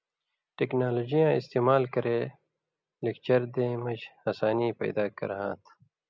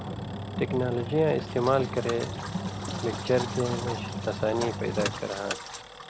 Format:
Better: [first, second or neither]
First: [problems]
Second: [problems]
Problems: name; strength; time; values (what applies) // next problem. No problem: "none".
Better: first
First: none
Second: background sound (Engine); 5 dB below the speech